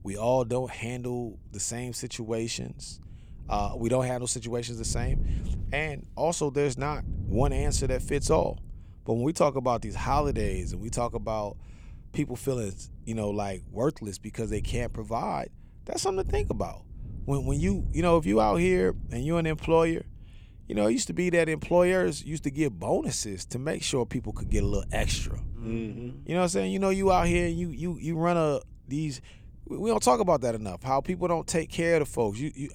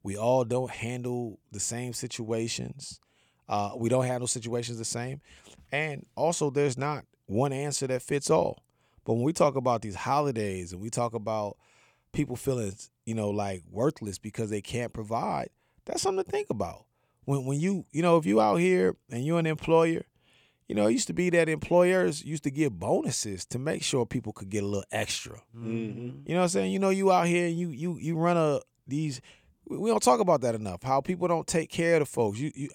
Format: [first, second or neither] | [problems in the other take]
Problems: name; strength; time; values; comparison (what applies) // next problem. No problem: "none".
second | wind noise on the microphone; occasional gusts; 25 dB below the speech